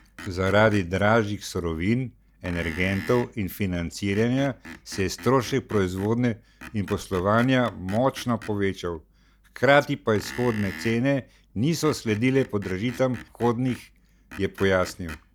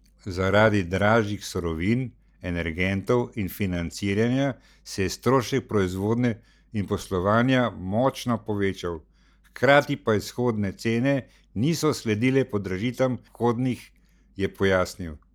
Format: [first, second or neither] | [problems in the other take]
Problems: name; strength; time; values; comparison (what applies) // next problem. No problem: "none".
second | background sound (Screech); 19 dB below the speech